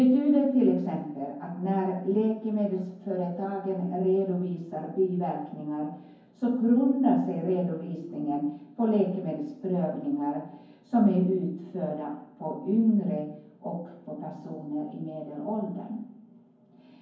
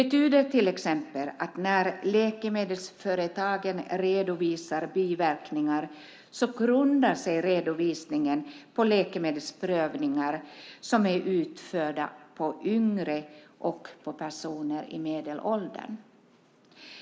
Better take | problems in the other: second | room echo; dies away in 0.9 s

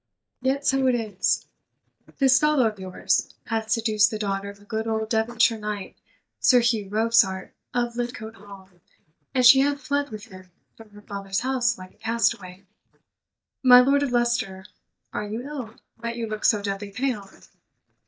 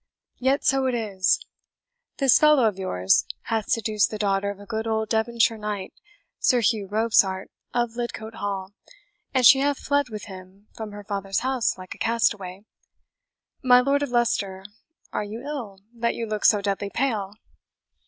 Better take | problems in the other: second | noise reduction (neural mask model DeepFilterNet 3)

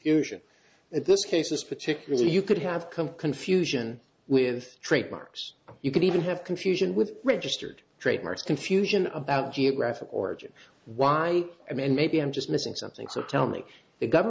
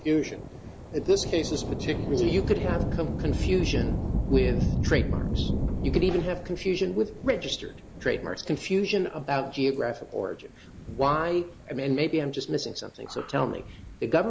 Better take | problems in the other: first | background sound (Thunder / Rain); 3 dB below the speech

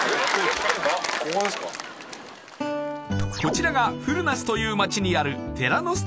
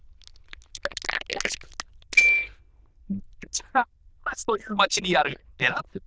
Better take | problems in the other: first | noise reduction (neural diffusion model UNIVERSE++)

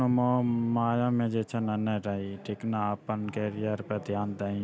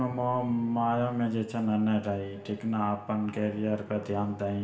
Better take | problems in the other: first | room echo; dies away in 0.7 s

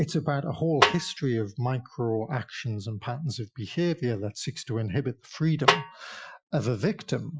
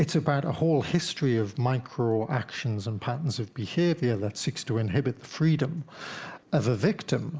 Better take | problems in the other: second | noise reduction (classical method Wiener filter)

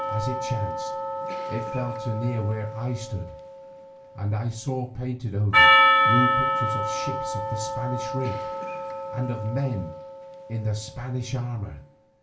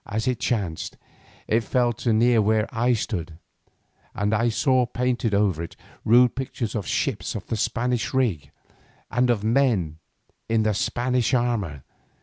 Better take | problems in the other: second | background sound (Percussion); 4 dB above the speech // room echo; dies away in 0.3 s

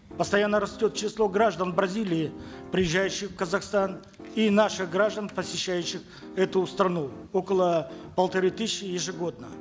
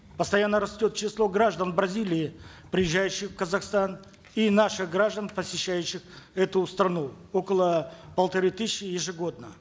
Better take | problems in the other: second | background sound (Piano); 17 dB below the speech

